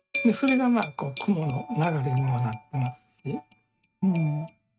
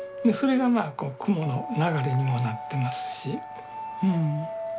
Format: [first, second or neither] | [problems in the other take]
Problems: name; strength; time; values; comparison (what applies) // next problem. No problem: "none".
second | noise reduction (neural mask model RNNoise)